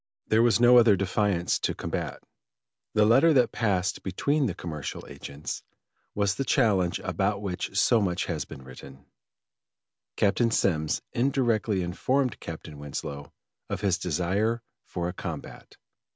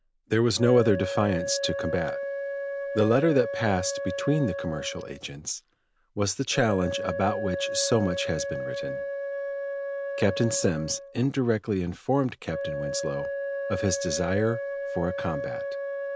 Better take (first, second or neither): first